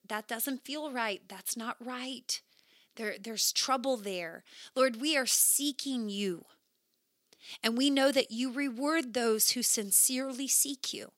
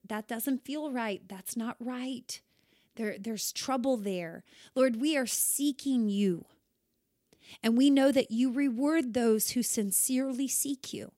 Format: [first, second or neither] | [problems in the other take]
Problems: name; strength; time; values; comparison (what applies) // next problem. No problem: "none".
second | thin; very slightly; fading below 650 Hz